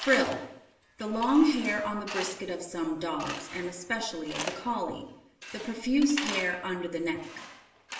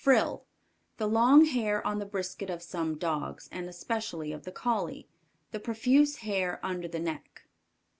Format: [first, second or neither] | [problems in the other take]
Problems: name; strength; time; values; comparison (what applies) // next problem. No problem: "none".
second | background sound (Tools); 11 dB below the speech // room echo; dies away in 0.8 s